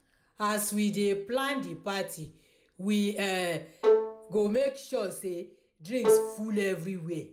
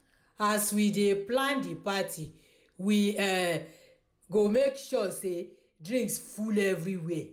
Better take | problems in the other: second | background sound (Bowed string instrument); 3 dB above the speech

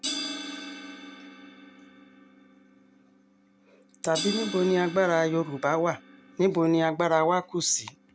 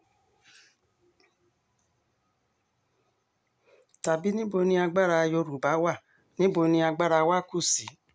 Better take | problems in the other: second | background sound (Crash cymbal); 12 dB below the speech

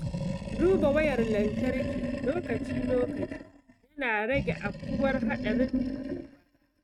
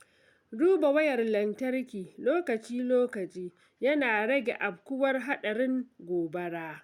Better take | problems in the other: second | noise reduction (neural mask model RNNoise)

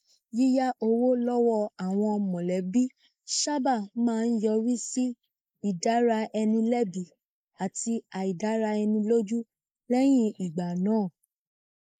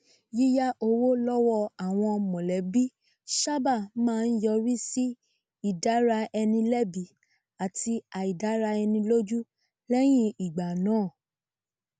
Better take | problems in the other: second | noise reduction (neural mask model Resemble Enhance denoiser)

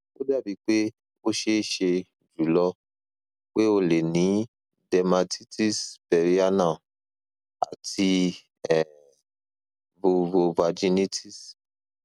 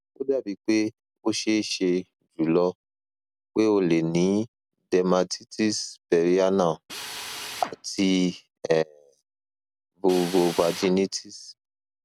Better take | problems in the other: first | background sound (Drill); 13 dB below the speech

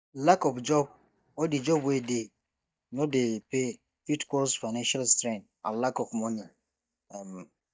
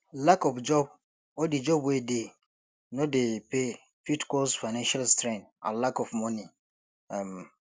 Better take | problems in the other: second | noise reduction (neural mask model DeepFilterNet 3)

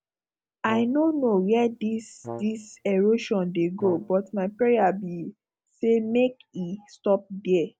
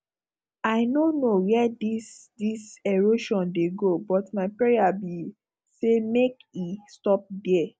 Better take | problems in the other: second | background sound (Brass instrument); 17 dB below the speech

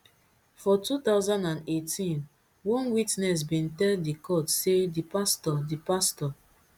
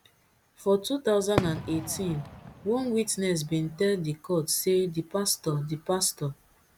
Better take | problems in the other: first | background sound (Fireworks); 8 dB below the speech

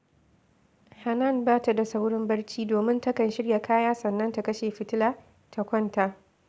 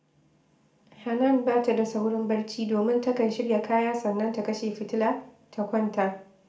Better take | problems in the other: first | room echo; dies away in 0.4 s

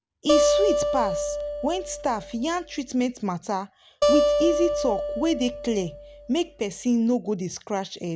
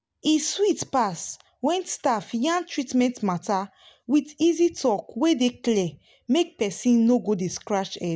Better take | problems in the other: second | background sound (Acoustic guitar); as loud as the speech

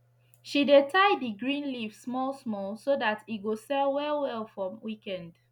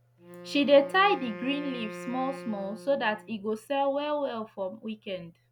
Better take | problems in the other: first | background sound (Wind instrument, woodwind instrument); 16 dB below the speech

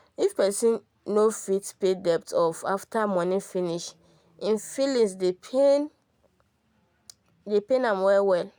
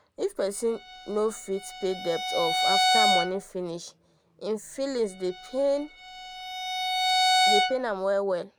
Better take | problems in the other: first | background sound (Bowed string instrument); 2 dB above the speech

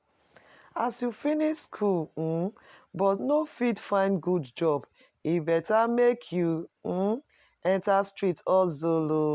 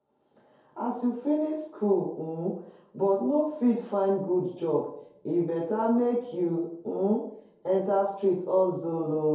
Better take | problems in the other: first | room echo; dies away in 2.3 s

